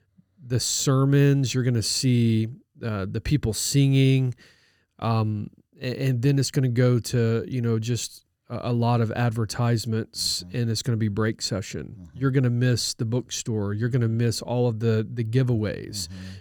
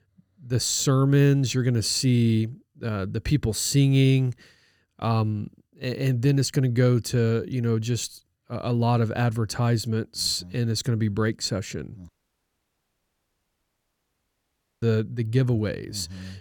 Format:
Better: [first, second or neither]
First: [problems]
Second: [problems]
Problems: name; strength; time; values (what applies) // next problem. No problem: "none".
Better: first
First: none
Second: audio cutting out; at 12 s for 2.5 s